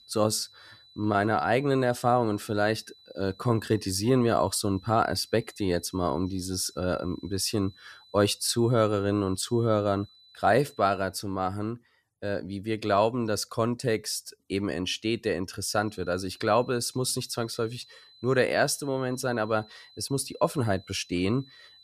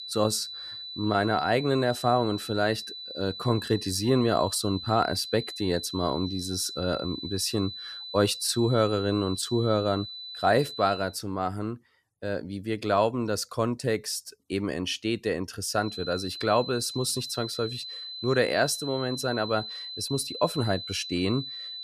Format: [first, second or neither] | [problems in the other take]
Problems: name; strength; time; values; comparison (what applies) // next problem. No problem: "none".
first | high-pitched whine; loud; until 11 s and from 16 s on; 4 kHz, 9 dB below the speech; faint in the first